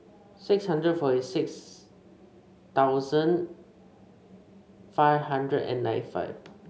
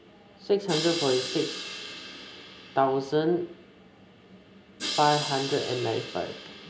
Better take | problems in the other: first | background sound (Crash cymbal); 8 dB below the speech

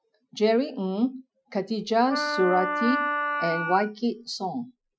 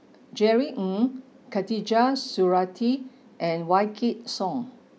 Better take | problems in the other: second | noise reduction (classical method Wiener filter)

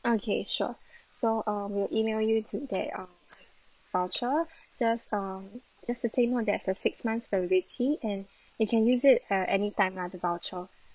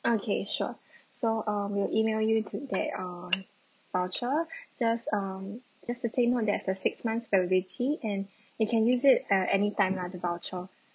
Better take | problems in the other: second | noise reduction (neural separator model SepFormer WHAM!)

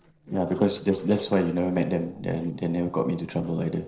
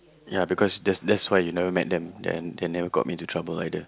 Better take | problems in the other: second | noise reduction (neural separator model SepFormer DNS4)

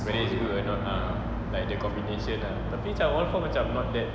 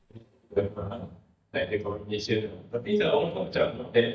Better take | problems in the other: first | noise reduction (neural mask model DeepFilterNet 3)

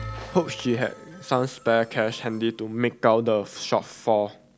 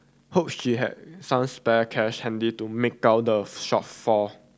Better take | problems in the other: second | background sound (Bell); 19 dB below the speech

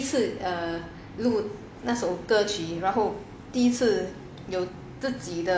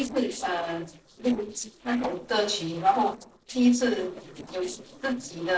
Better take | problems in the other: first | noise reduction (neural separator model SepFormer DNS4)

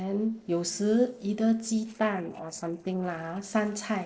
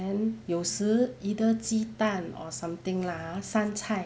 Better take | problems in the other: second | noise reduction (neural separator model SepFormer DNS4)

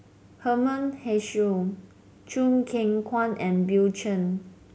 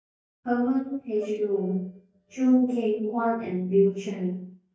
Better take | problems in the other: first | noise reduction (neural mask model DeepFilterNet 3)

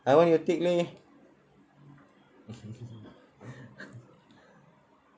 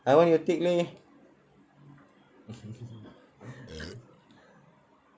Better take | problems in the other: first | background sound (Burping, eructation); 13 dB below the speech

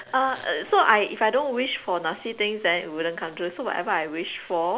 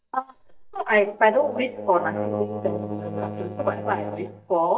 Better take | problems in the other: first | noise reduction (neural mask model DeepFilterNet 3)

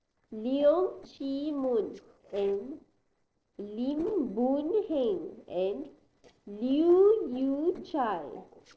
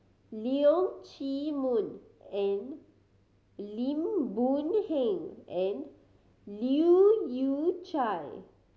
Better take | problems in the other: second | noise reduction (neural separator model SepFormer DNS4)

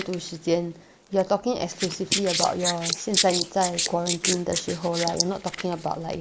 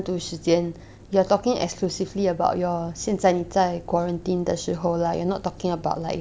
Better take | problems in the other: second | noise reduction (neural mask model Resemble Enhance denoiser)

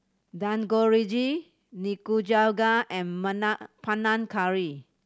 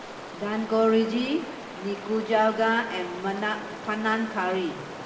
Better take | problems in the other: first | background sound (Stream); 12 dB below the speech // room echo; dies away in 2.1 s

